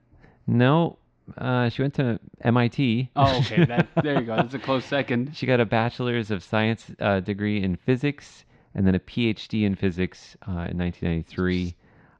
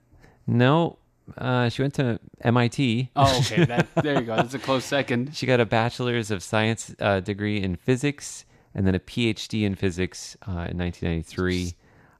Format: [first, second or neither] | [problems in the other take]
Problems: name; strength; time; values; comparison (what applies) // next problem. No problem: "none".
second | muffled; very slightly; fading above 4 kHz